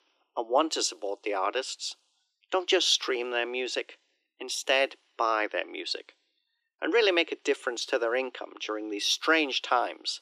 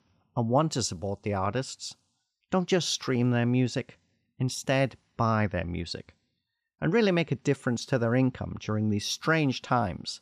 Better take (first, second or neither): second